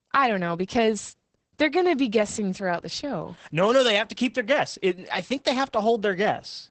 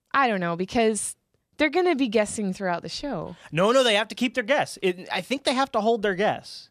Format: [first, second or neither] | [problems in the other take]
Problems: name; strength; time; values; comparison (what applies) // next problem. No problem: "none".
second | garbled, watery; badly; nothing above 8 kHz